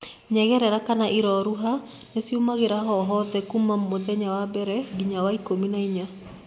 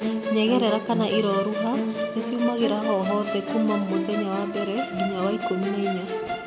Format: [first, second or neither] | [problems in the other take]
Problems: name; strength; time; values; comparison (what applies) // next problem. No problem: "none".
first | background sound (Musical instrument); 3 dB below the speech